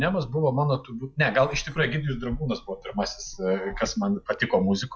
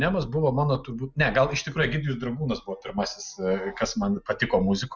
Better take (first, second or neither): second